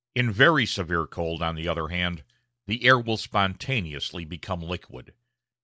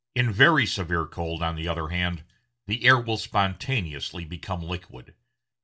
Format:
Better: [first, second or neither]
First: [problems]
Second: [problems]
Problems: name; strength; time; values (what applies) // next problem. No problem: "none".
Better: first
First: none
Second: room echo; dies away in 0.2 s